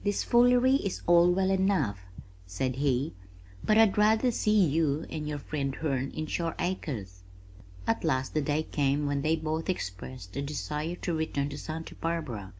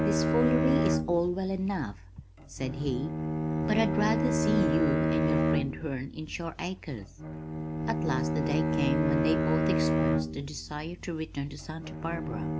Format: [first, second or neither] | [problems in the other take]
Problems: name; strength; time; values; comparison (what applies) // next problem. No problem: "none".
first | background sound (Bowed string instrument); 3 dB above the speech